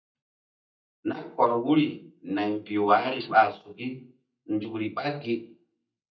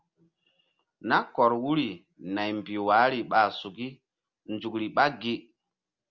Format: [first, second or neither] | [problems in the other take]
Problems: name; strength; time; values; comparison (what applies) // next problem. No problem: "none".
second | noise reduction (neural mask model DeepFilterNet 3)